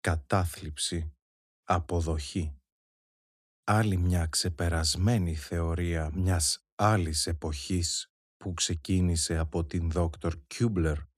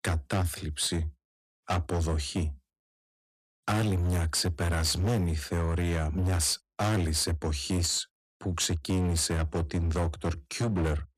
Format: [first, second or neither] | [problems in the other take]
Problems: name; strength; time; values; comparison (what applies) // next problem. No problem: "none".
first | distortion; heavy; 21% of the sound clipped